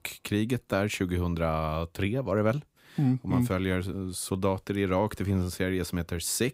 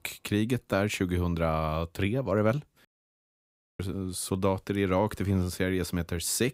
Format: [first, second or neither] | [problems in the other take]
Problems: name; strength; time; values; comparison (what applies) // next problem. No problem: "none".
first | audio cutting out; at 3 s for 1 s